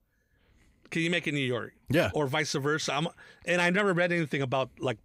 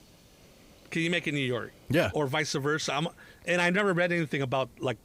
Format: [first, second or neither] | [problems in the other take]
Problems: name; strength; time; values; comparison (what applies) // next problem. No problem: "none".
first | hiss; faint; throughout; 30 dB below the speech